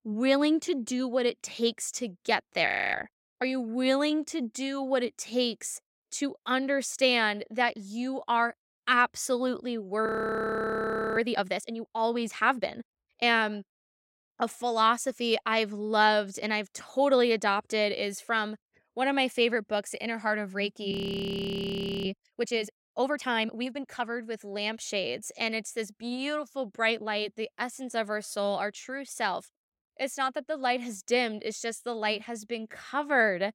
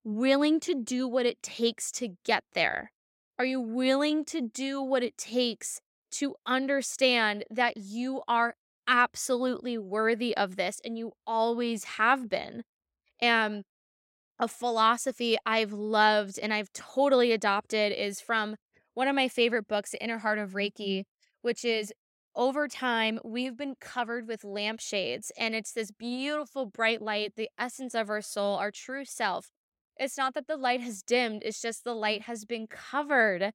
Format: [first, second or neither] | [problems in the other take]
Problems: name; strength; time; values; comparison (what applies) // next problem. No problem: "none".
second | audio freezing; at 2.5 s, at 10 s for 1 s and at 21 s for 1 s